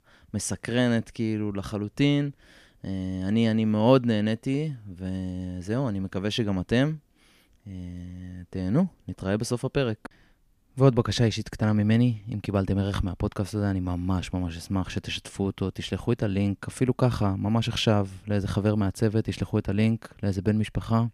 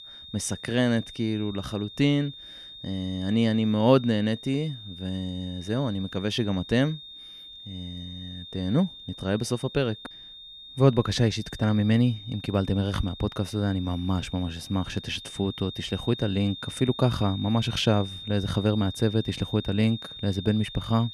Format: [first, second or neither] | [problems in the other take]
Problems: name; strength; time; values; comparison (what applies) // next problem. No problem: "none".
first | high-pitched whine; noticeable; throughout; 3.5 kHz, 15 dB below the speech